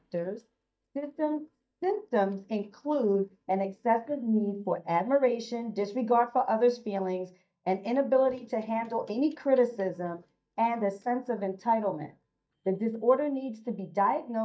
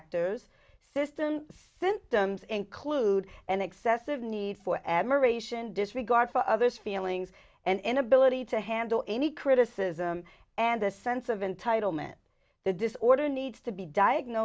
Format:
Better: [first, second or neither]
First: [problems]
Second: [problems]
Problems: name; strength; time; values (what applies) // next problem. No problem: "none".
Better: second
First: noise reduction (neural mask model DeepFilterNet 3)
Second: none